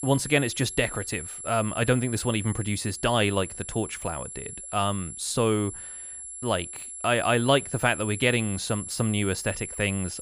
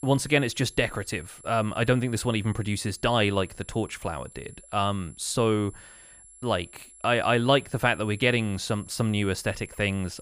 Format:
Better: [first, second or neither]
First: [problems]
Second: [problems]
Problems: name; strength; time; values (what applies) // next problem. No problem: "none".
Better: second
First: high-pitched whine; loud; throughout; 11 kHz, 9 dB below the speech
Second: high-pitched whine; faint; throughout; 11 kHz, 20 dB below the speech